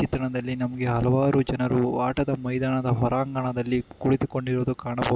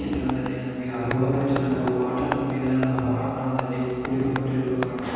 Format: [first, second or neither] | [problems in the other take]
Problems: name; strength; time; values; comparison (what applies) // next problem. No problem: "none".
first | background sound (Tap); 12 dB below the speech // room echo; dies away in 2.1 s